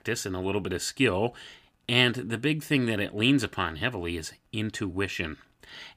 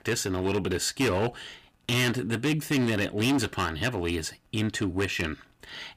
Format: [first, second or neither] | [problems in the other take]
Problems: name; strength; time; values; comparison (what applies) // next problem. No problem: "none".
first | distortion; heavy; 10% of the sound clipped